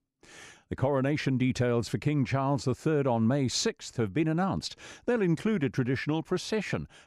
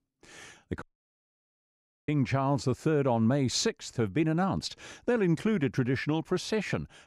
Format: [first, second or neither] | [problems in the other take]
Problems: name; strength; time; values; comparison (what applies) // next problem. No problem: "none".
first | audio cutting out; at 1 s for 1.5 s